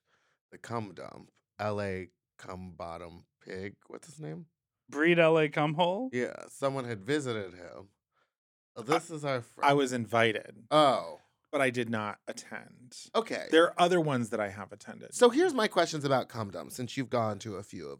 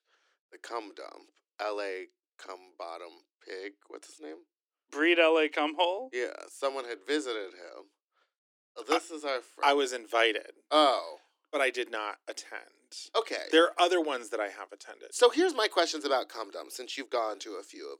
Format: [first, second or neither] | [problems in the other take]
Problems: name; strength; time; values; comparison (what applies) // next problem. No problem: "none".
first | thin; somewhat; fading below 300 Hz